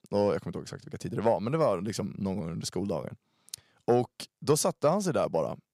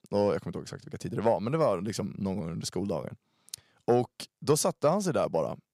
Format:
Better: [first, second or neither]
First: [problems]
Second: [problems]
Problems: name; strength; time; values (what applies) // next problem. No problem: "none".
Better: neither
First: none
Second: none